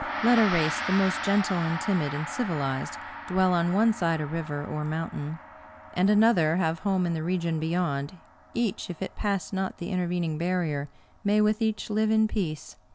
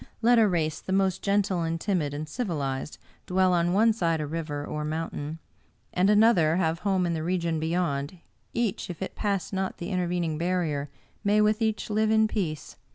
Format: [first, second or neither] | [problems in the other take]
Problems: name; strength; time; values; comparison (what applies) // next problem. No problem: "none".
second | background sound (Gong); 11 dB below the speech